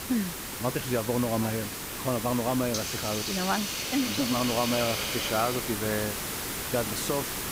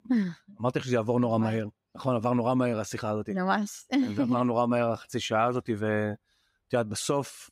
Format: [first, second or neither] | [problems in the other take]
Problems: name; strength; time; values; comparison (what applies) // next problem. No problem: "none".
second | hiss; loud; throughout; 1 dB below the speech